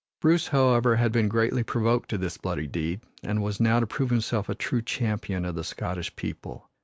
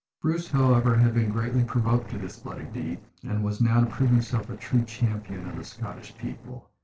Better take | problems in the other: first | noise reduction (neural separator model SepFormer DNS4)

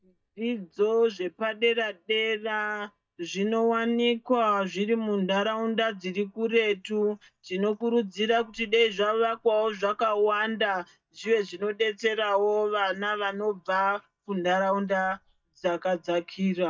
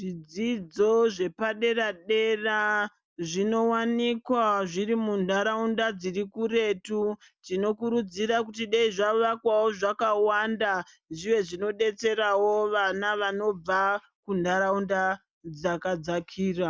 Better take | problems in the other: second | noise reduction (neural mask model DeepFilterNet 3)

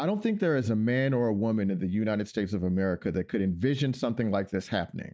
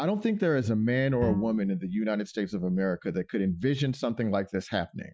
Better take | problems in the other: first | noise reduction (classical method Wiener filter)

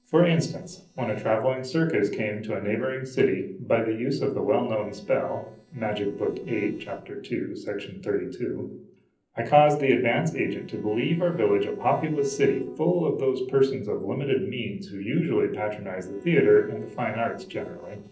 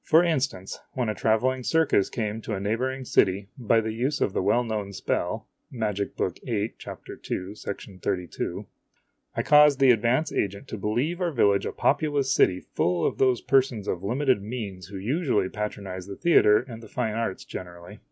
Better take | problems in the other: second | noise reduction (neural separator model SepFormer DNS4)

